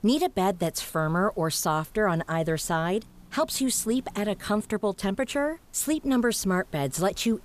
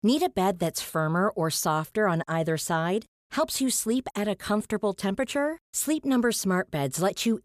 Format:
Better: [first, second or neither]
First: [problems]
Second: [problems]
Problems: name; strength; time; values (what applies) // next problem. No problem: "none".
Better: second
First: hiss; faint; throughout; 25 dB below the speech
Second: none